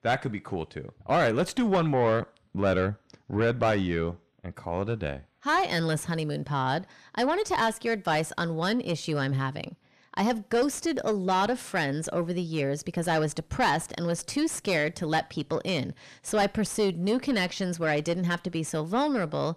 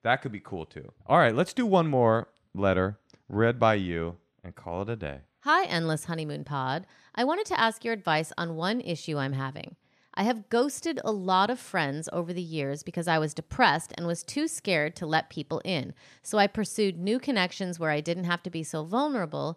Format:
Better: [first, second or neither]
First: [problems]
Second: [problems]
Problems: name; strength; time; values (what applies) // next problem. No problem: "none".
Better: second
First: distortion; heavy; 7 dB below the speech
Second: none